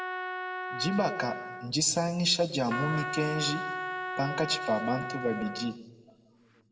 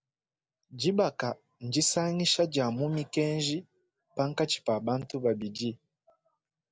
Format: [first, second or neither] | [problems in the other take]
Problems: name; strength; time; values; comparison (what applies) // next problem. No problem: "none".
second | background sound (Trumpet); 6 dB below the speech // room echo; dies away in 1.1 s